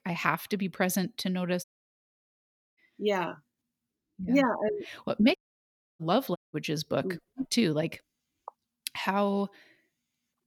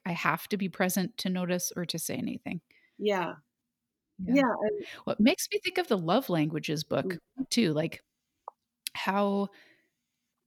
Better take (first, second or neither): second